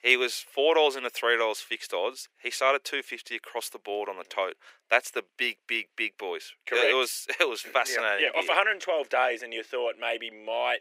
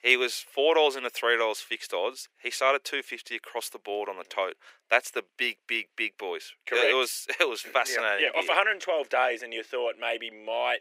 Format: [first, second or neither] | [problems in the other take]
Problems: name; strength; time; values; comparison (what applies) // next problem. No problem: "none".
neither | thin; very; fading below 400 Hz; the same in both